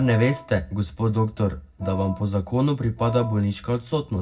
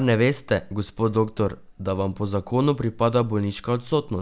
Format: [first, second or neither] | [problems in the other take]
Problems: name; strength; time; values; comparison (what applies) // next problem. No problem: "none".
second | background sound (Wind instrument, woodwind instrument); 14 dB below the speech // room echo; dies away in 0.4 s